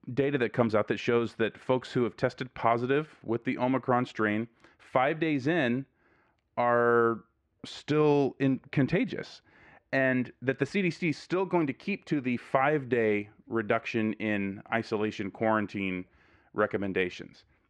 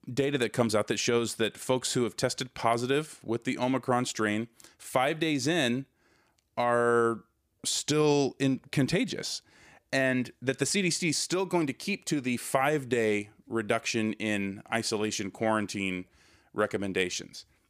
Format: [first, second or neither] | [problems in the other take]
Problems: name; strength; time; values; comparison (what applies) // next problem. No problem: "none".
second | muffled; very; fading above 2 kHz